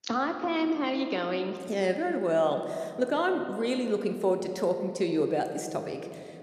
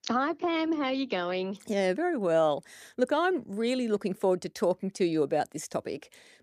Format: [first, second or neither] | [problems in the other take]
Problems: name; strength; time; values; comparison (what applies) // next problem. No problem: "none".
second | room echo; slight; dies away in 1.9 s